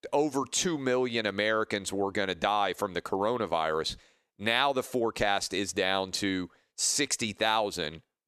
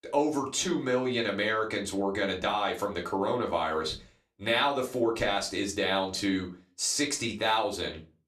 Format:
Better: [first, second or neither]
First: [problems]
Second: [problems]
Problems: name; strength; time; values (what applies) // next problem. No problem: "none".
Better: first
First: none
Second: off-mic speech; somewhat distant // room echo; very slight; dies away in 0.2 s